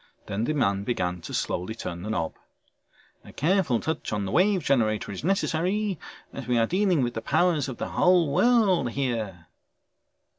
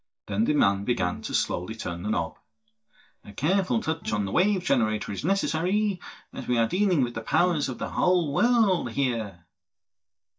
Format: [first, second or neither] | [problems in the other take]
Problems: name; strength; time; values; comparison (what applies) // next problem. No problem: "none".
first | noise reduction (neural mask model DeepFilterNet 3)